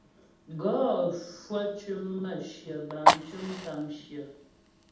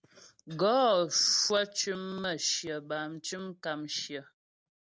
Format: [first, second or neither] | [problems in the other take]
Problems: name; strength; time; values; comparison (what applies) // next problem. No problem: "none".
second | background sound (Fire); 1 dB above the speech // room echo; dies away in 0.8 s